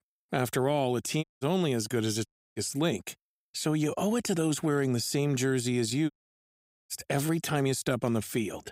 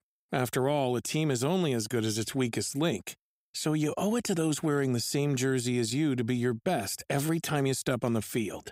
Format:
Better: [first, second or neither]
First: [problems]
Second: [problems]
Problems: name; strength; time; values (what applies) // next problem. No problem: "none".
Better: second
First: audio cutting out; at 1 s, at 2.5 s and at 6 s for 1 s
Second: none